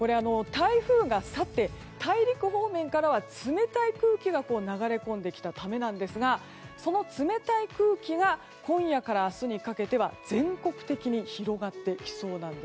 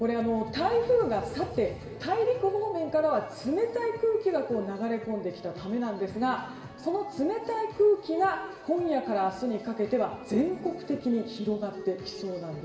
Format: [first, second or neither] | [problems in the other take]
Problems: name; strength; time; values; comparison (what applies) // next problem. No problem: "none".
first | room echo; dies away in 2.2 s